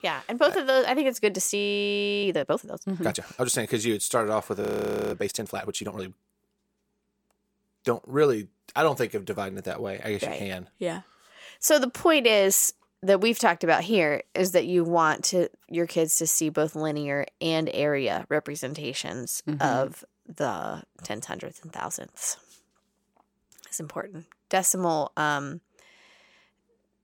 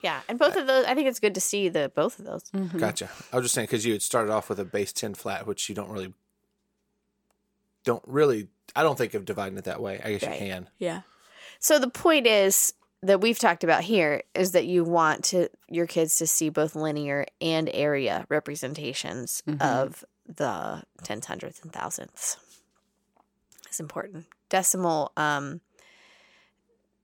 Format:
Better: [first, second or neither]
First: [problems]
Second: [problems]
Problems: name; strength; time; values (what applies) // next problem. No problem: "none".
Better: second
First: audio freezing; at 1.5 s for 0.5 s and at 4.5 s for 0.5 s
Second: none